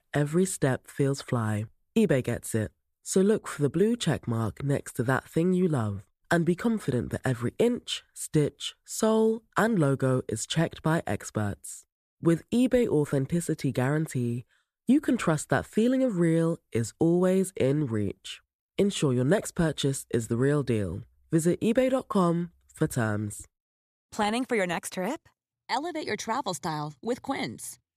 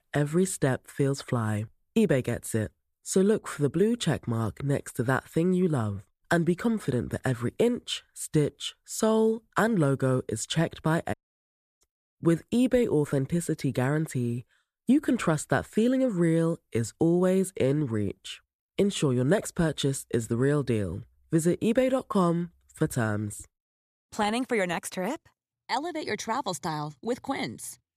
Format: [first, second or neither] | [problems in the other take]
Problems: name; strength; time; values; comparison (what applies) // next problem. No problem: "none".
first | audio cutting out; at 11 s for 0.5 s